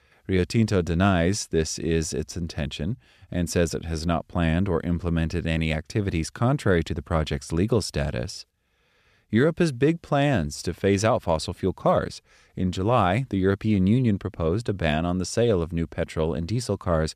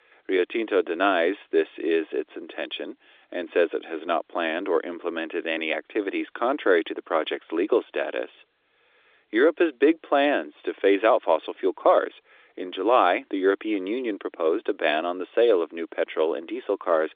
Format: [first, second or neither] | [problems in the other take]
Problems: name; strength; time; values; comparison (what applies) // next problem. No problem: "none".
first | phone-call audio